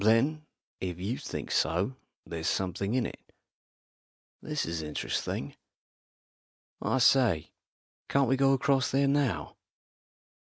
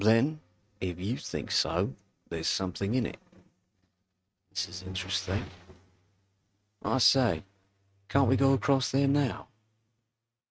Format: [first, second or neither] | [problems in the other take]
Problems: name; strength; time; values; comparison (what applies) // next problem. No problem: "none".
first | noise reduction (neural mask model RNNoise)